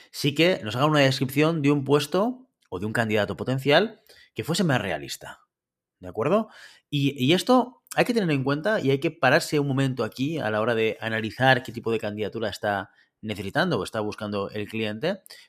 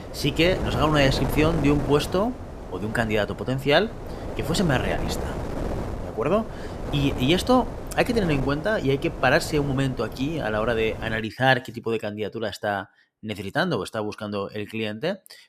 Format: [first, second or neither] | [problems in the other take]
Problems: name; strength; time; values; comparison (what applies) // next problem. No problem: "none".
first | wind noise on the microphone; occasional gusts; until 11 s; 10 dB below the speech